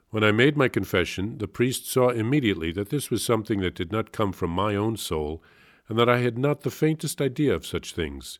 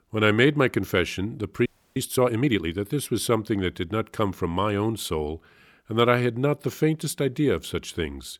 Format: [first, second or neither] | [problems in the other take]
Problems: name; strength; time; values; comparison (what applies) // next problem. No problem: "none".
first | audio freezing; at 1.5 s